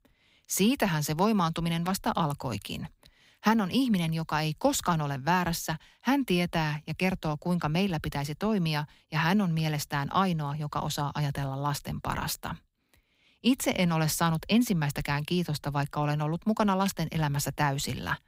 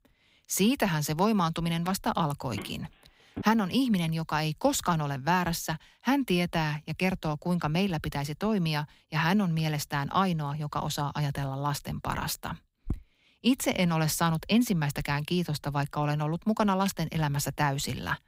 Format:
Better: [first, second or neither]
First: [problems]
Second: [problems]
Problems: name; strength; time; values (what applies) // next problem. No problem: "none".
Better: first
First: none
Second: phone ringing; faint; at 2.5 s; peak 15 dB below the speech // footsteps; faint; at 13 s; peak 10 dB below the speech